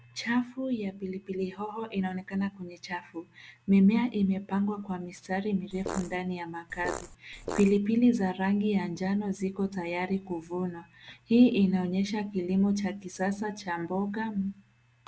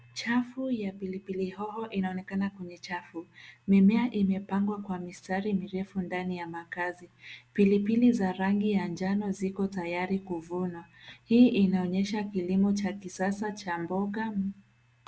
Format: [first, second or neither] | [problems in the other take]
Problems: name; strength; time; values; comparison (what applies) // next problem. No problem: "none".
second | background sound (Fart); 9 dB below the speech